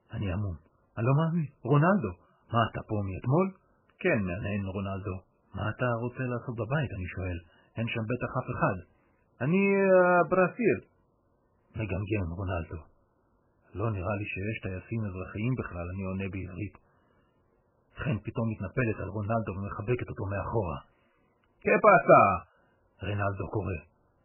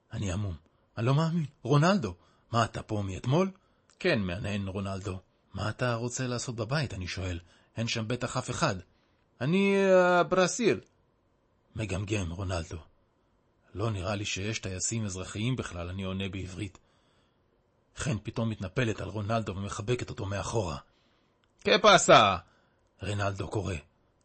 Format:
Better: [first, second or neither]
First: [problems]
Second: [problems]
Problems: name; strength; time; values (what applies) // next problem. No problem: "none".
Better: second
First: garbled, watery; badly; nothing above 2.5 kHz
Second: garbled, watery; slightly; nothing above 8 kHz